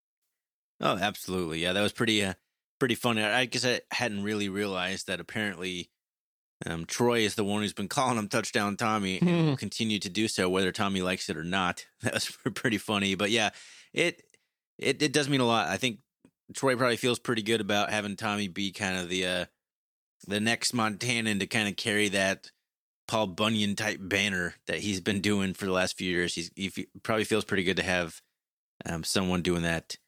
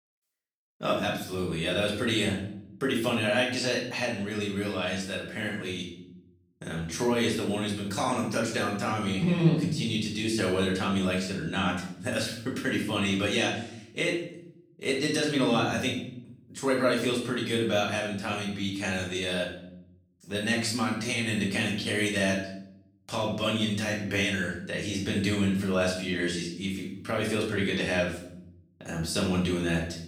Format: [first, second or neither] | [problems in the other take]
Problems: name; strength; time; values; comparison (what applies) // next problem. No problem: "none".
first | off-mic speech; far // room echo; noticeable; dies away in 0.8 s